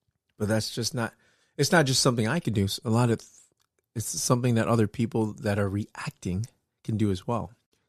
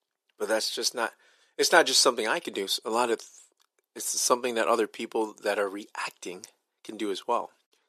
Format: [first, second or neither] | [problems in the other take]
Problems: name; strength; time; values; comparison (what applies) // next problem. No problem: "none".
first | thin; very; fading below 350 Hz